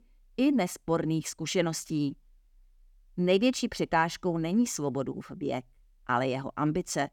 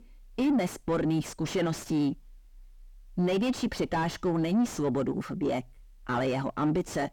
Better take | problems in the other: first | distortion; heavy; 4 dB below the speech

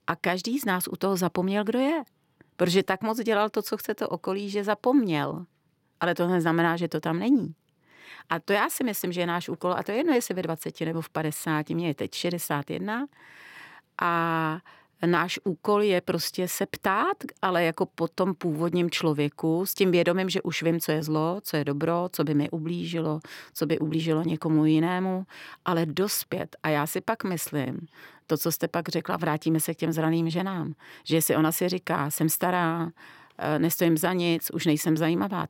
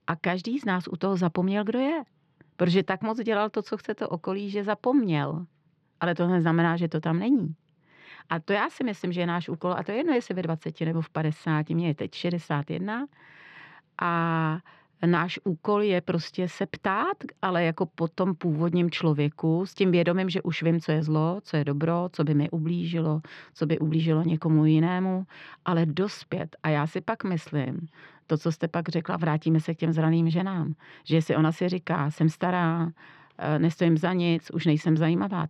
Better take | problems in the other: first | muffled; very slightly; fading above 4 kHz

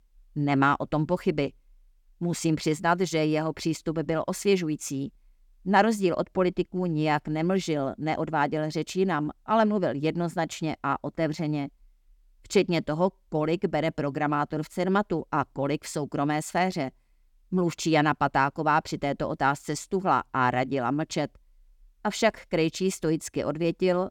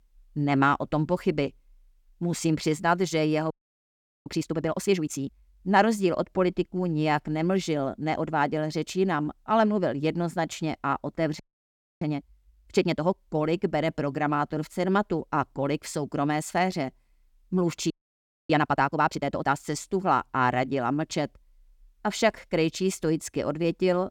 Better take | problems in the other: first | audio freezing; at 3.5 s for 1 s, at 11 s for 0.5 s and at 18 s for 0.5 s

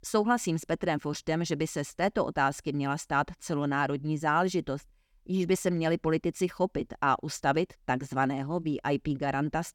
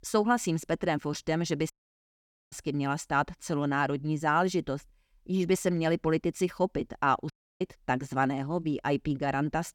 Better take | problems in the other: first | audio cutting out; at 1.5 s for 1 s and at 7.5 s

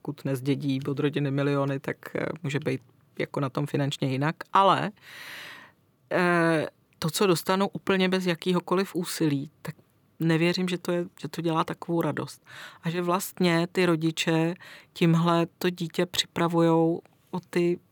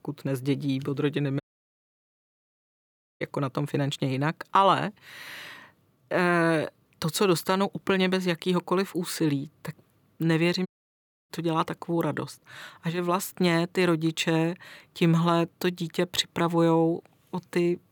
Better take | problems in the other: first | audio cutting out; at 1.5 s for 2 s and at 11 s for 0.5 s

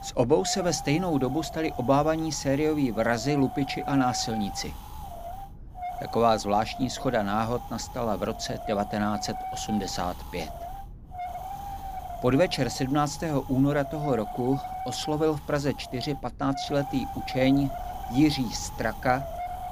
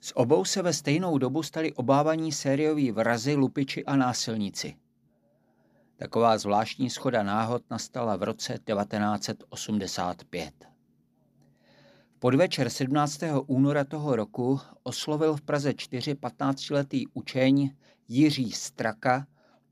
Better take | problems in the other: second | wind noise on the microphone; heavy; 8 dB below the speech

